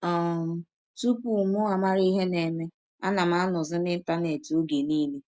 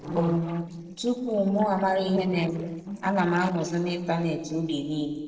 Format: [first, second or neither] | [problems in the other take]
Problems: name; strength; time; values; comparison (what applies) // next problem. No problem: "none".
first | noise reduction (neural separator model SepFormer DNS4)